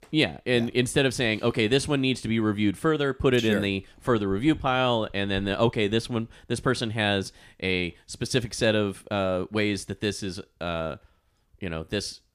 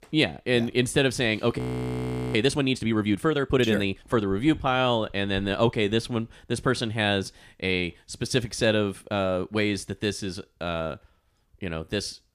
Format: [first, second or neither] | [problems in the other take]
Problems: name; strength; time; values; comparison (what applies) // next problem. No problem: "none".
first | audio freezing; at 1.5 s for 0.5 s